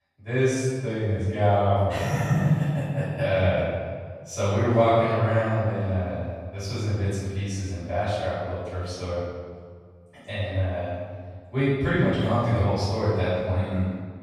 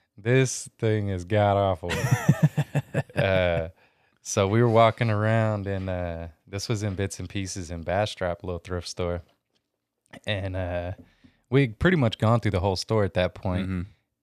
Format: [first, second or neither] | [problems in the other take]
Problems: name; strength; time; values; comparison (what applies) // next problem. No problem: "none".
second | off-mic speech; far // room echo; strong; dies away in 1.5 s